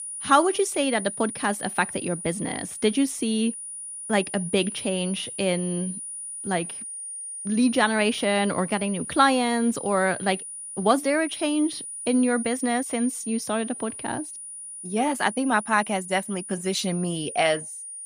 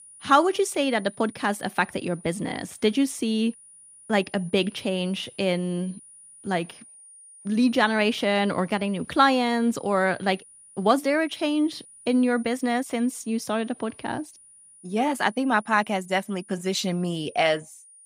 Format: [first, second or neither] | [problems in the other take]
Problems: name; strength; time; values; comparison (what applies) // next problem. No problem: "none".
second | high-pitched whine; loud; throughout; 9.5 kHz, 9 dB below the speech; faint in the second